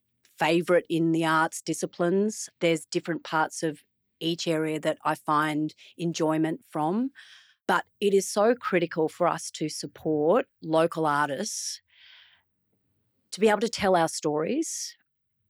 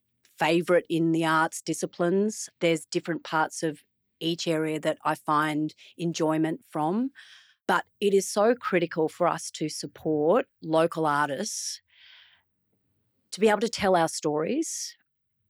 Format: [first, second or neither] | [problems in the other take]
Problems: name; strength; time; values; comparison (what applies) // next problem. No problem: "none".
neither | none